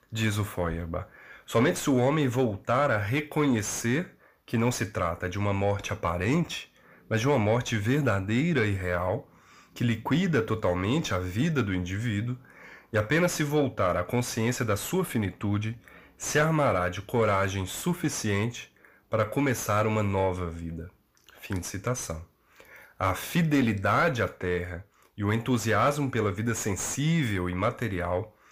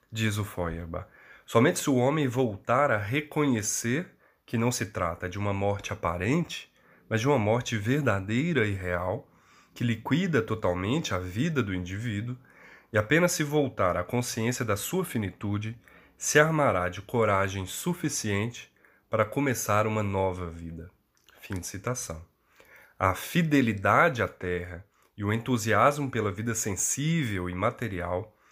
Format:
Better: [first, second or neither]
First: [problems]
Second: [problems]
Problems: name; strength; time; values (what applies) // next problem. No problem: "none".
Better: second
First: distortion; slight; 10 dB below the speech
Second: none